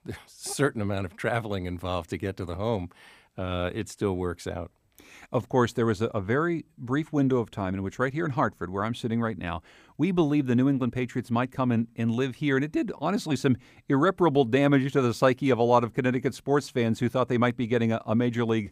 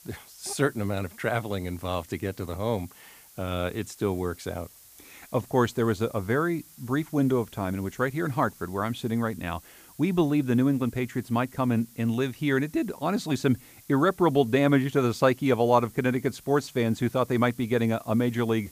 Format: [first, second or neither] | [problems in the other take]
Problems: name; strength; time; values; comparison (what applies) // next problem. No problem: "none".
first | hiss; faint; throughout; 25 dB below the speech